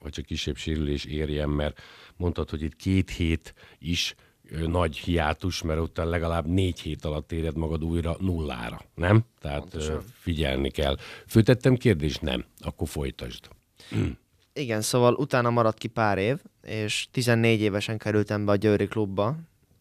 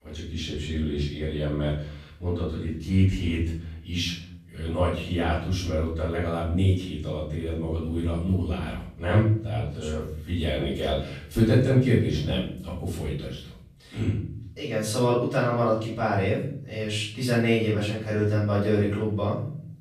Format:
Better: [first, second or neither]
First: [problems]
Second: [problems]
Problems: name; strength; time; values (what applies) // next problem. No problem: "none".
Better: first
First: none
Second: off-mic speech; far // room echo; noticeable; dies away in 0.6 s